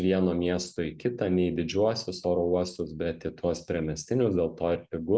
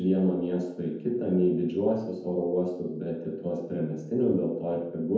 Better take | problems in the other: first | room echo; dies away in 0.9 s

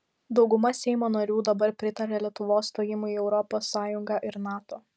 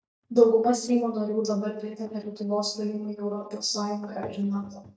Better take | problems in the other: first | noise reduction (neural mask model DeepFilterNet 3)

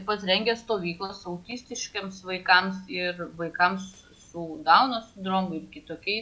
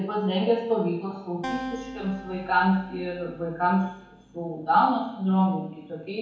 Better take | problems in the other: first | background sound (Acoustic guitar); 14 dB below the speech // room echo; dies away in 0.9 s

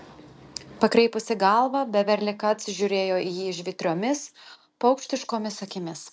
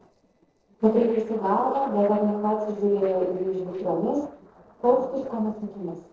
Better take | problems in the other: first | noise reduction (neural separator model SepFormer DNS4)

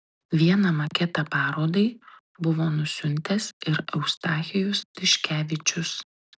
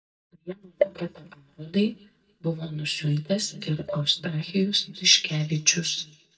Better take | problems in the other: first | noise reduction (neural mask model DeepFilterNet 3)

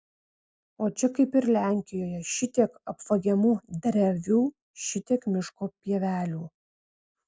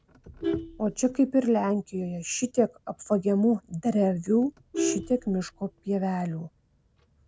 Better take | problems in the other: first | background sound (Vehicle horn, car horn, honking); 11 dB below the speech

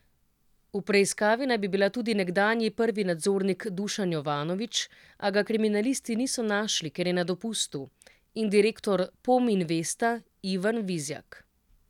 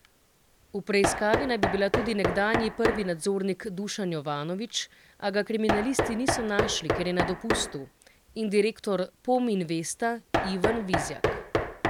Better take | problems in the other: first | background sound (Knock); 3 dB below the speech

